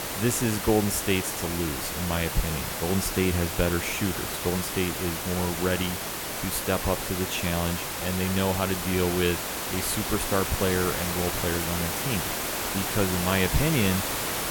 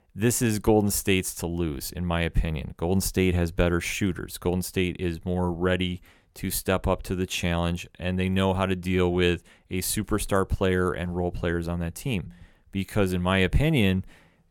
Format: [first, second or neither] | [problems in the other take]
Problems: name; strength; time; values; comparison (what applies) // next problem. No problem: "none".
second | hiss; loud; throughout; 1 dB below the speech